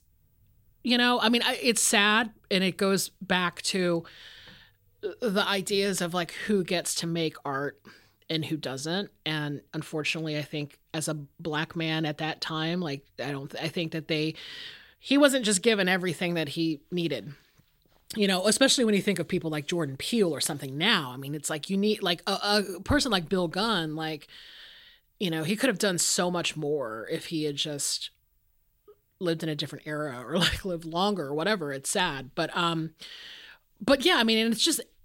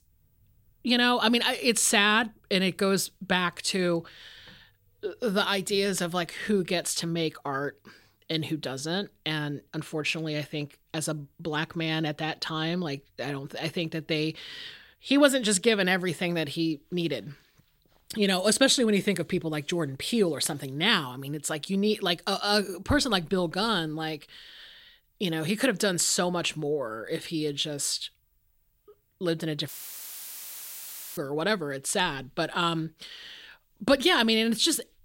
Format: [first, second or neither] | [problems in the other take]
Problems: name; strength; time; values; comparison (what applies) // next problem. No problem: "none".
first | audio cutting out; filled with static; at 30 s for 1.5 s